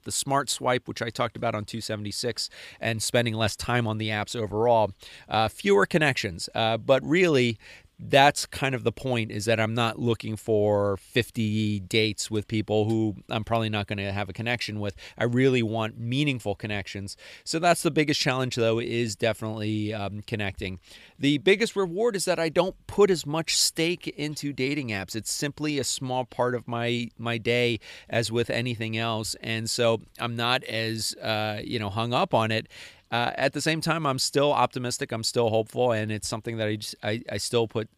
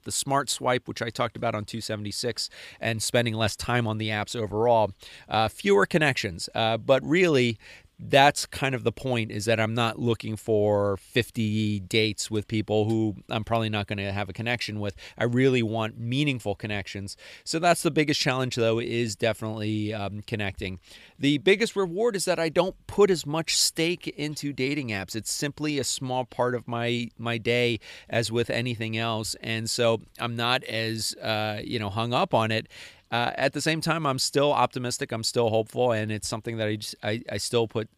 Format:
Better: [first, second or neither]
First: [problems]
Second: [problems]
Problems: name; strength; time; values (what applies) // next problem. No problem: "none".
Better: neither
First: none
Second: none